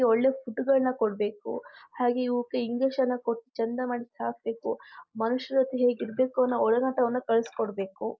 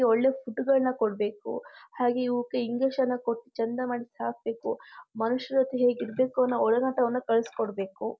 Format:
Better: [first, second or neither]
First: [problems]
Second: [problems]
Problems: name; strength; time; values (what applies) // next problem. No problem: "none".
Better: second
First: noise reduction (neural mask model Resemble Enhance denoiser)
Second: none